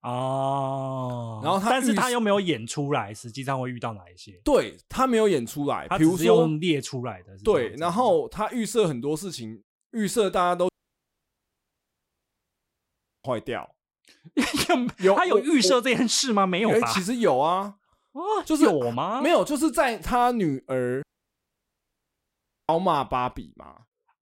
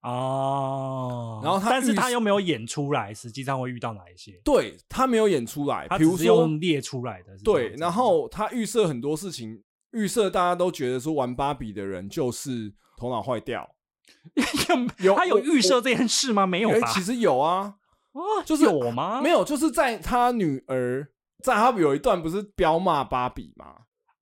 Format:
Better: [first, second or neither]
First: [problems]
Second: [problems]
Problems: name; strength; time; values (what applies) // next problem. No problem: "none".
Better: second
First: audio cutting out; at 11 s for 2.5 s and at 21 s for 1.5 s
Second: none